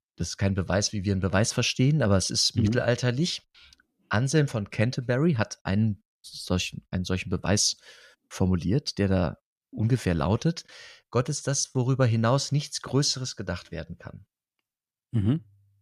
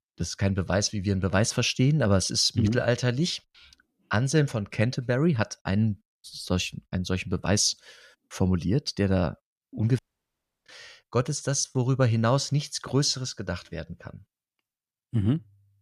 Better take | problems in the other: first | audio cutting out; at 10 s for 0.5 s

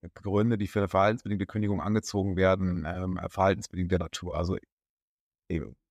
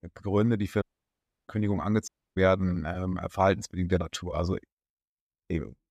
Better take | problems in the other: first | audio cutting out; at 1 s for 0.5 s and at 2 s

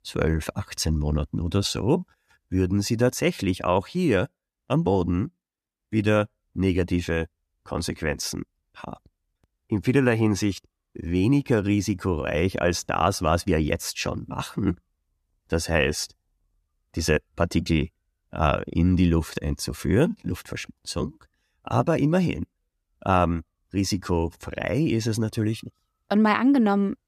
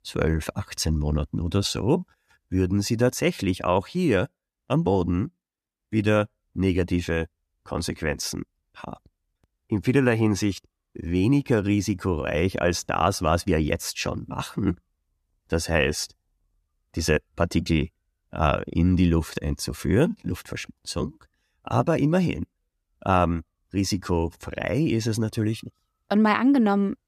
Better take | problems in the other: neither | none

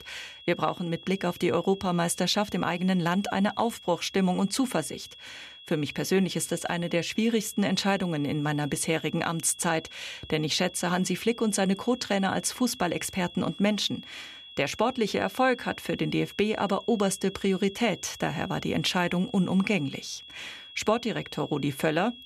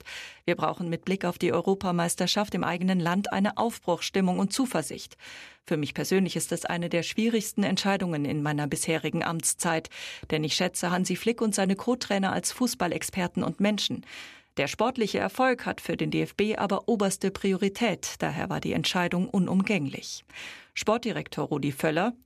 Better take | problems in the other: second | high-pitched whine; noticeable; throughout; 3.5 kHz, 15 dB below the speech

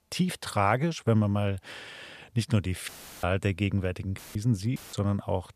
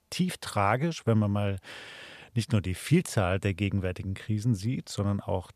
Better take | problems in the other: second | audio cutting out; filled with static; at 3 s, at 4 s and at 5 s

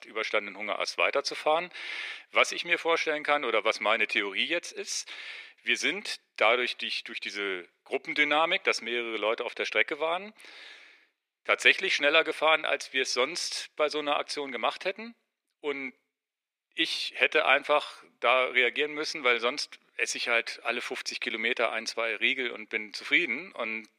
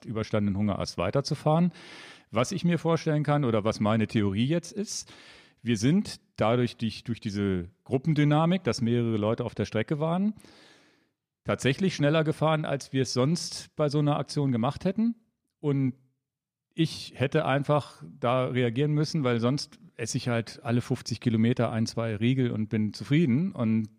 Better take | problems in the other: second | thin; very; fading below 400 Hz

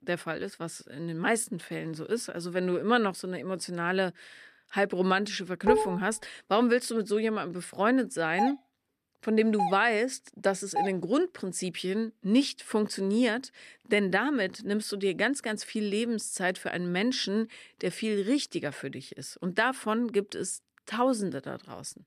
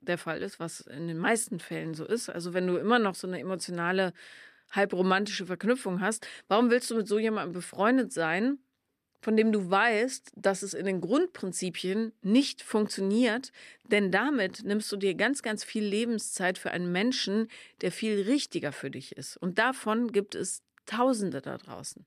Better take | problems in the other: second | clattering dishes; loud; at 5.5 s; peak 3 dB above the speech // doorbell; noticeable; from 8.5 to 11 s; peak 3 dB below the speech

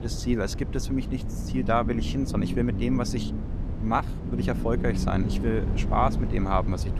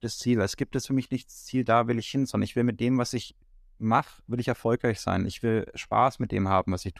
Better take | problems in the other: second | low rumble; loud; throughout; 10 dB below the speech

